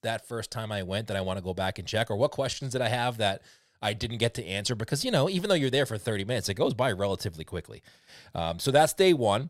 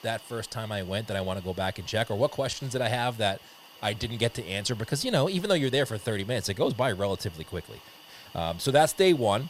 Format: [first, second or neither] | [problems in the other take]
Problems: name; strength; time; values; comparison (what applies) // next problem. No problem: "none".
first | hiss; faint; throughout; 20 dB below the speech